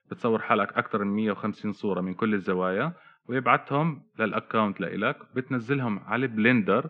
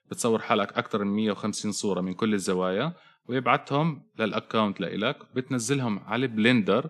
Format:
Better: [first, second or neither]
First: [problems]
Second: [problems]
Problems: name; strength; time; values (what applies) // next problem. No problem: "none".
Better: second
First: muffled; very; fading above 2.5 kHz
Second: none